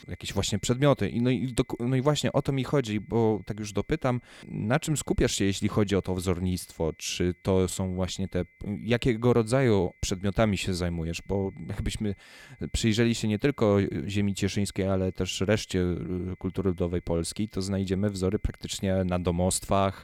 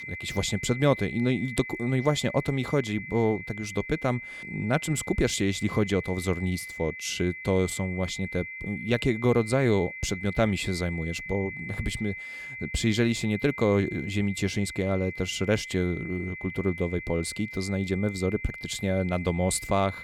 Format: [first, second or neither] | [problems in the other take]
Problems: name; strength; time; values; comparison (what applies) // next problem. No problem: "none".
first | high-pitched whine; loud; throughout; 2 kHz, 10 dB below the speech; faint in the first